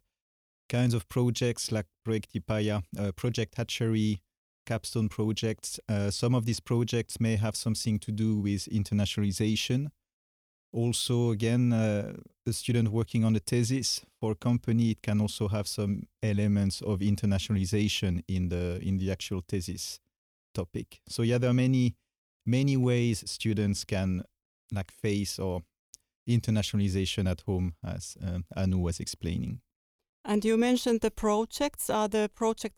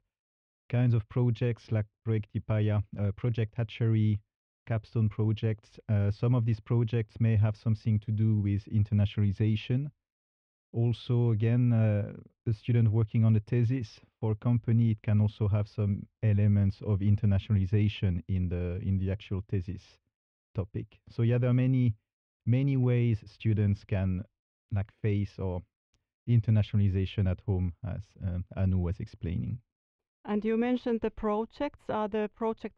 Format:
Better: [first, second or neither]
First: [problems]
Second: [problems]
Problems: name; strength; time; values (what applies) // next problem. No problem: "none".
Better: first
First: none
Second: muffled; very; fading above 2.5 kHz